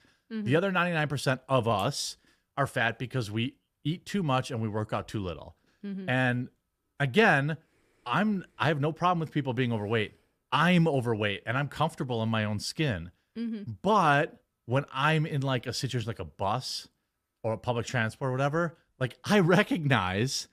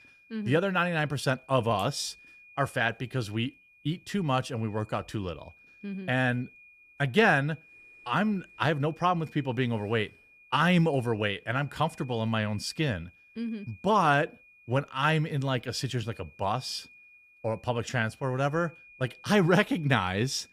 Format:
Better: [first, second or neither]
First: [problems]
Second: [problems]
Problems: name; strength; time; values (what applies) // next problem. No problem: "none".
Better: first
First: none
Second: high-pitched whine; faint; throughout; 2.5 kHz, 25 dB below the speech